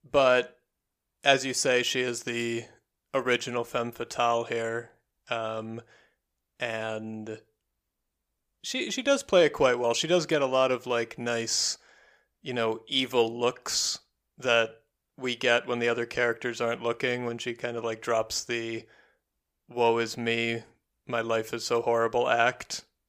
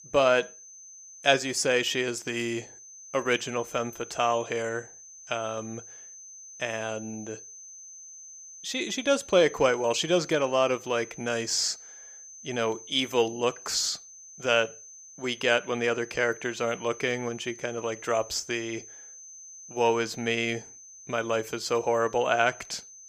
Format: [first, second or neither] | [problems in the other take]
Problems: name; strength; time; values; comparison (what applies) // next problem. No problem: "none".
first | high-pitched whine; noticeable; throughout; 6 kHz, 15 dB below the speech